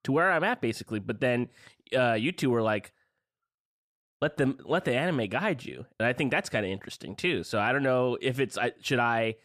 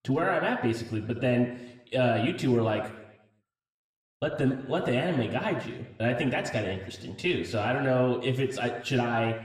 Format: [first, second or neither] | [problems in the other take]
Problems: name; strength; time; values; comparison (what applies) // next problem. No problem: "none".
first | room echo; slight; dies away in 0.8 s // off-mic speech; somewhat distant